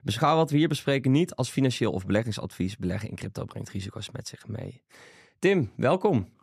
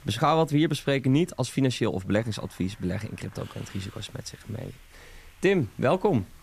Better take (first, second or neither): first